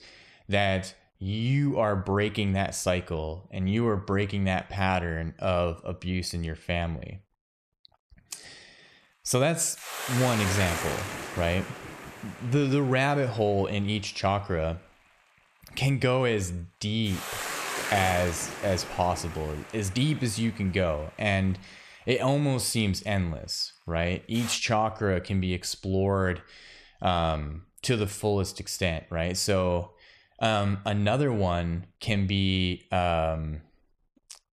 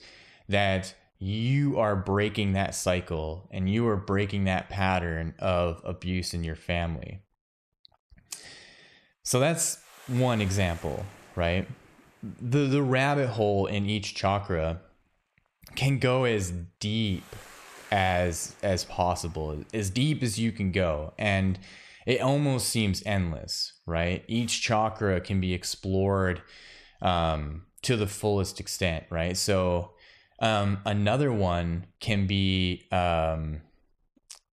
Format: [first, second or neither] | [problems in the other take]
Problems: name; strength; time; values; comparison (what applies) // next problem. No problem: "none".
second | hiss; loud; from 9 to 25 s; 7 dB below the speech; faint in the second